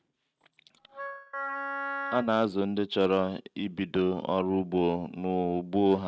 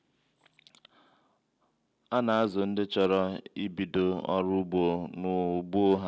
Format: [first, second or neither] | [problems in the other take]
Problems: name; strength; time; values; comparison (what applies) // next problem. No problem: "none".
second | noise reduction (neural mask model RNNoise)